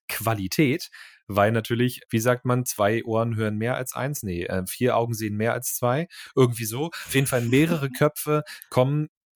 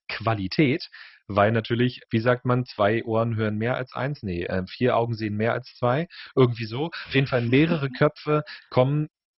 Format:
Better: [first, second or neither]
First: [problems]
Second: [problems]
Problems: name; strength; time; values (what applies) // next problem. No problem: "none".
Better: first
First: none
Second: garbled, watery; badly; nothing above 5.5 kHz